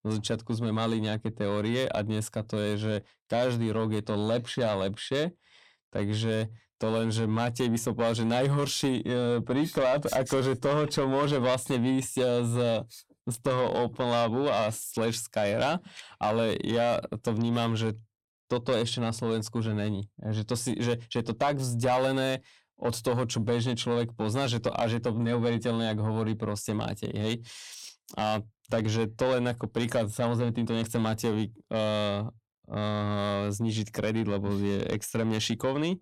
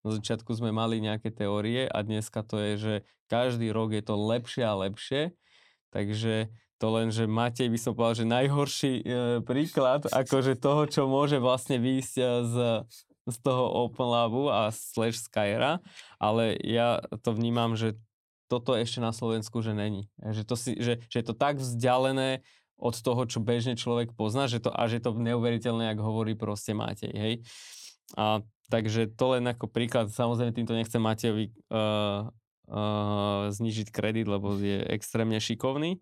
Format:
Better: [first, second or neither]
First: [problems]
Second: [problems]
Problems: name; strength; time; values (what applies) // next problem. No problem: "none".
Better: second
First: distortion; slight; 10 dB below the speech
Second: none